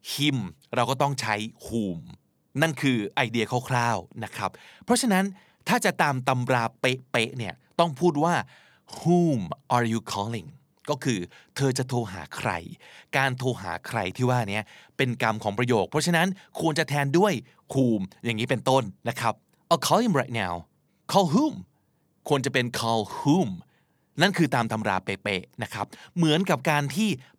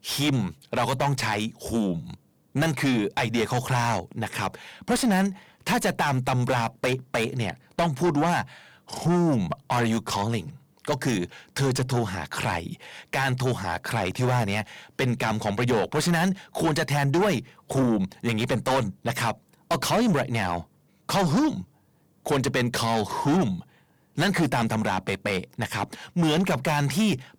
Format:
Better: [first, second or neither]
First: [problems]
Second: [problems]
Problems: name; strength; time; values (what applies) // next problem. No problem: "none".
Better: first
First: none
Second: distortion; heavy; 6 dB below the speech